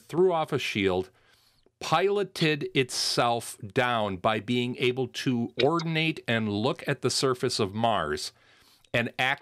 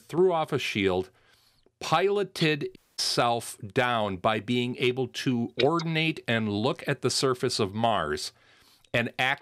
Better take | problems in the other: first | audio cutting out; at 3 s

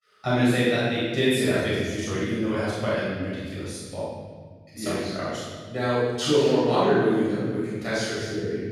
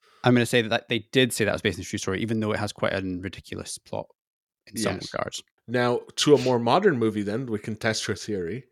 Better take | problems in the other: second | off-mic speech; far // room echo; strong; dies away in 1.6 s

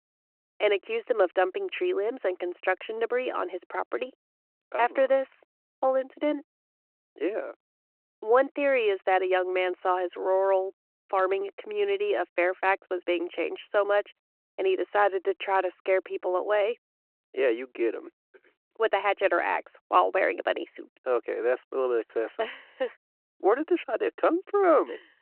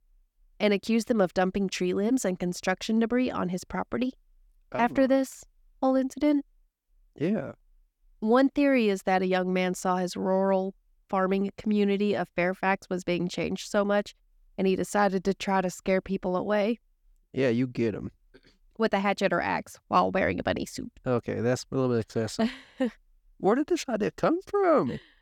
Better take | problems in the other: second | phone-call audio

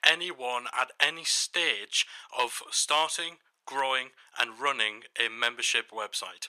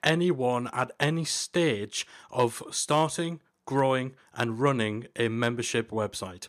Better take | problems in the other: second | thin; very; fading below 950 Hz

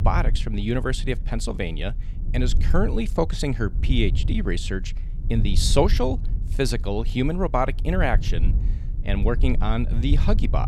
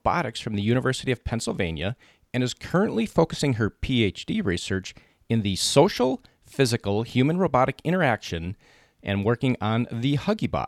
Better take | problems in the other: second | low rumble; noticeable; throughout; 15 dB below the speech

